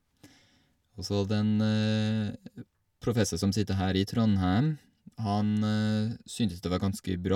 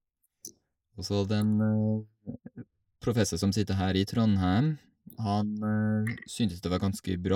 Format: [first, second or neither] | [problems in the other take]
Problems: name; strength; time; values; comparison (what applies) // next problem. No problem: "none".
first | noise reduction (neural mask model Resemble Enhance denoiser)